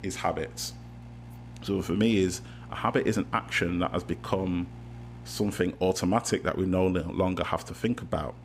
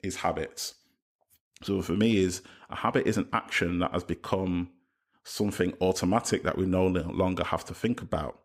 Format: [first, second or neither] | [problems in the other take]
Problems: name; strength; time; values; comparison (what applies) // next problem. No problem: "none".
second | household noises; noticeable; throughout; 15 dB below the speech